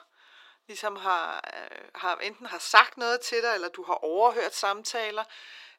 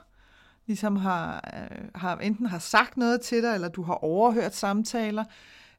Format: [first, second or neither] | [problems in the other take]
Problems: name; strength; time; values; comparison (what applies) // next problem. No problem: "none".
second | thin; very; fading below 350 Hz